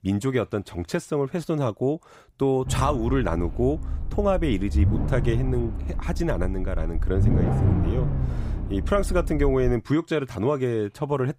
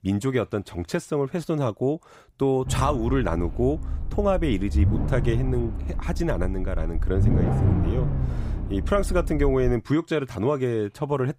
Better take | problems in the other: neither | low rumble; loud; from 2.5 to 9.5 s; 10 dB below the speech; the same in both

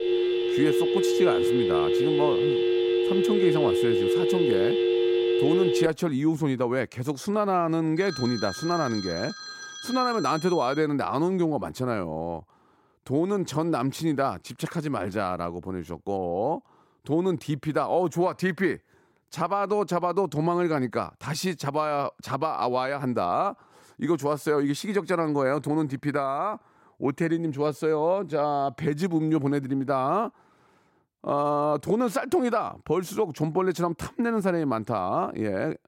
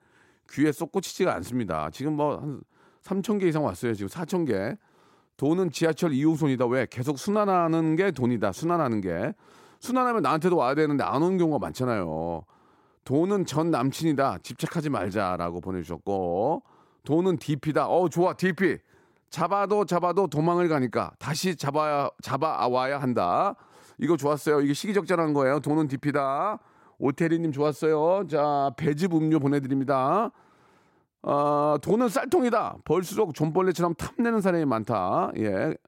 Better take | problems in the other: second | phone ringing; loud; until 6 s; peak 4 dB above the speech // phone ringing; noticeable; from 8 to 11 s; peak 7 dB below the speech

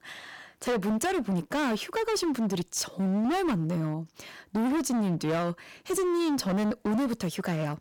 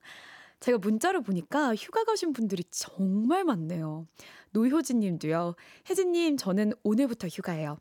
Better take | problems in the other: second | distortion; heavy; 27% of the sound clipped

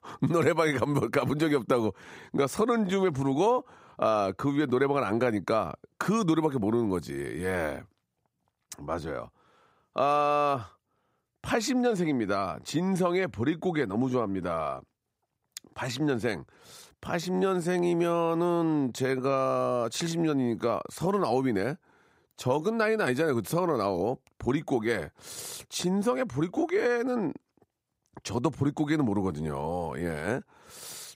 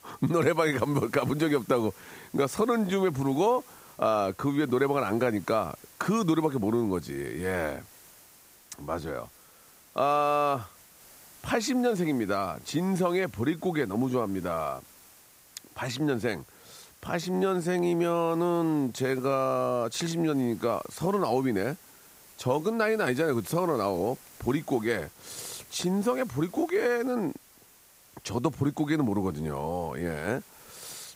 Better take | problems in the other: first | hiss; faint; throughout; 25 dB below the speech

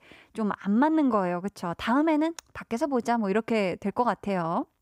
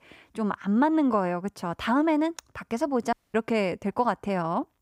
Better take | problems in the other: first | audio cutting out; at 3 s

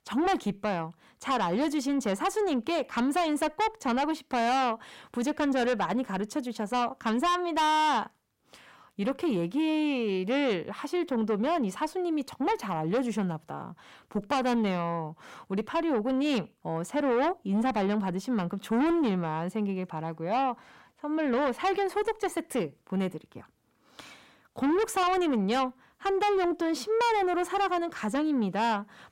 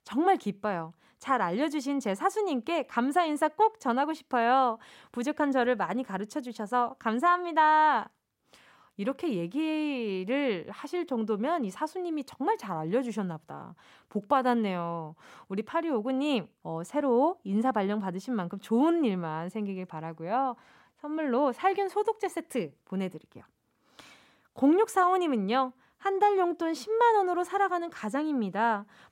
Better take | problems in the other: second | distortion; heavy; 8 dB below the speech

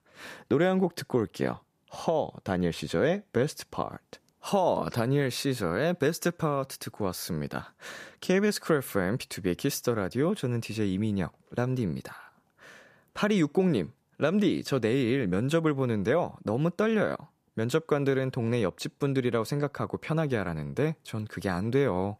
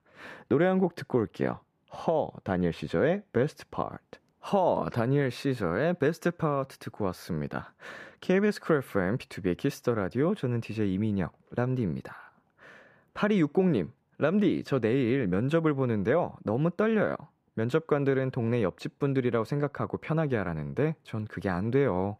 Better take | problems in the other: first | muffled; slightly; fading above 3.5 kHz

